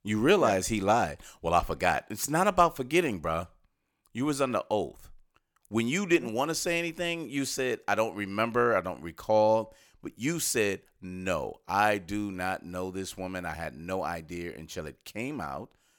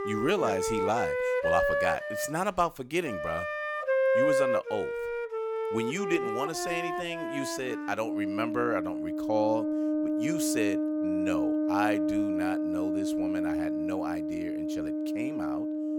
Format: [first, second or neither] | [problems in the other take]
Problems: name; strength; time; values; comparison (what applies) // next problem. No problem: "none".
first | background music; very loud; throughout; 3 dB above the speech